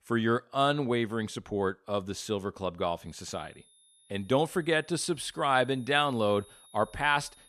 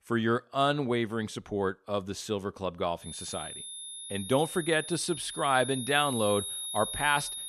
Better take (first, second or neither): first